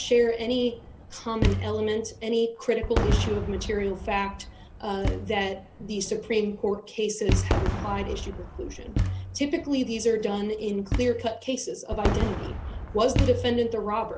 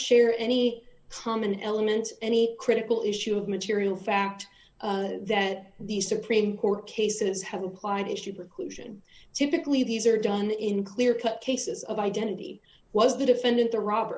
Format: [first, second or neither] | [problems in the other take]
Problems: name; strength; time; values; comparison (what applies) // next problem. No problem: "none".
second | background sound (Fireworks + Thump, thud); 3 dB below the speech